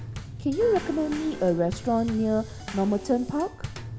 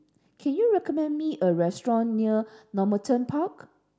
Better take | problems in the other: second | background sound (Bass drum / Snare drum / Drum kit + Keyboard (musical)); 11 dB below the speech

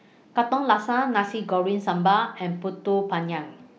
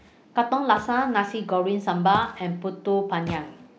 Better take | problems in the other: first | background sound (Walk, footsteps); 17 dB below the speech

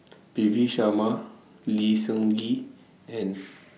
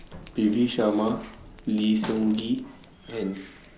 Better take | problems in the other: first | background sound (Scissors); 17 dB below the speech

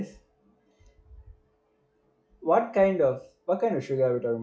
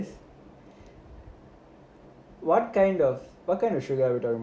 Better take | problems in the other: second | noise reduction (classical method log-MMSE)

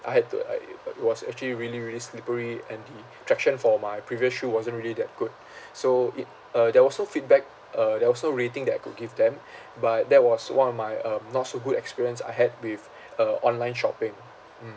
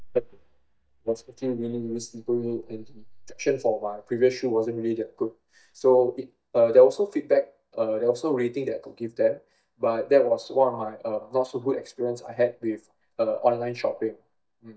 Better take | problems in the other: first | noise reduction (neural mask model DeepFilterNet 3)

